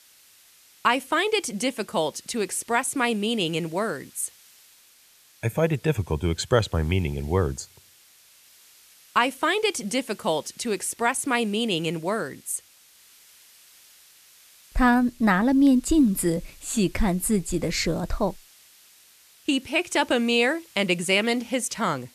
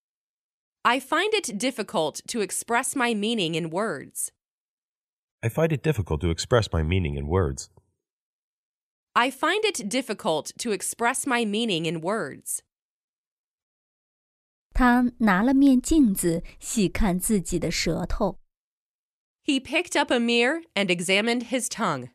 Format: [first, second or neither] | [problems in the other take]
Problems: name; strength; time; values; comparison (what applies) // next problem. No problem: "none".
second | hiss; faint; throughout; 25 dB below the speech